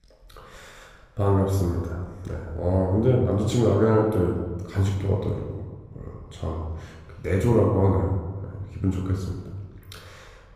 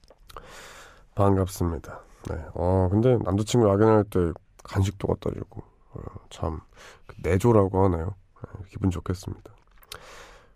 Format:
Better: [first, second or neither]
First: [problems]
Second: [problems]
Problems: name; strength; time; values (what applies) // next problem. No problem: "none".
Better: second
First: off-mic speech; somewhat distant // room echo; noticeable; dies away in 1.1 s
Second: none